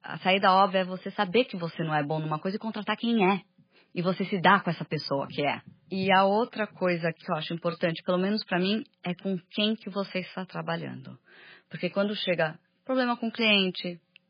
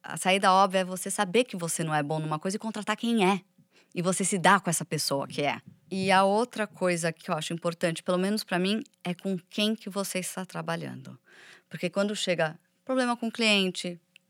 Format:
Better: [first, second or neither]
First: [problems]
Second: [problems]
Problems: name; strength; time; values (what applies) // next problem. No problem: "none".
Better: second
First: garbled, watery; badly; nothing above 5 kHz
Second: none